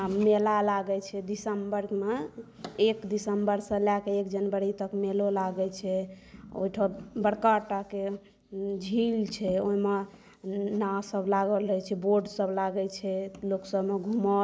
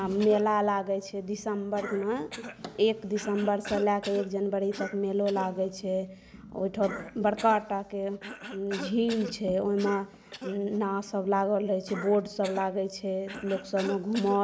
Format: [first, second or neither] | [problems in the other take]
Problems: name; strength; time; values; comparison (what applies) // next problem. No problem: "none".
first | background sound (Cough); 15 dB below the speech